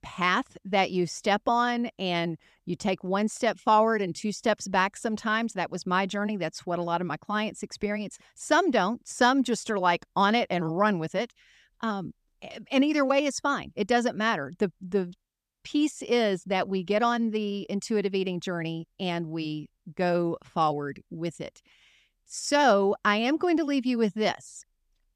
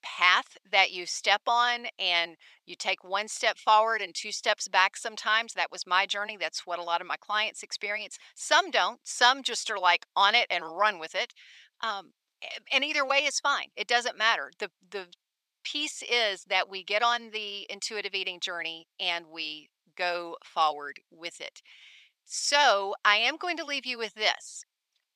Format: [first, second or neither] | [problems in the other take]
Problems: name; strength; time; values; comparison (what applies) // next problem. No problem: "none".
first | thin; very; fading below 800 Hz